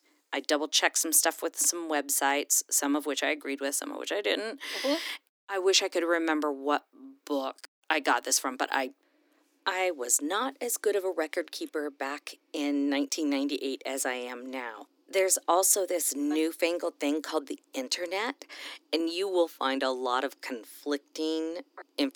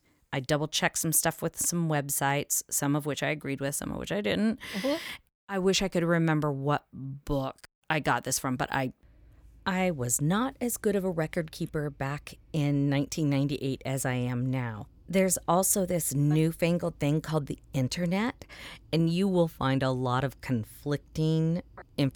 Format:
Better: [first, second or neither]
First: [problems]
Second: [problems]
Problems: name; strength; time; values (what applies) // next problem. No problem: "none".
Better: second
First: thin; somewhat; fading below 300 Hz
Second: none